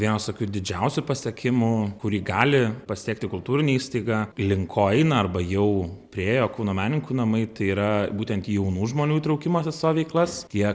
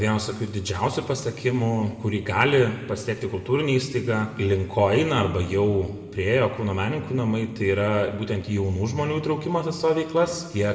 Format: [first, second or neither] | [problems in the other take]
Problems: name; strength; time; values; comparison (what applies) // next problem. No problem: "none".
first | room echo; dies away in 1.8 s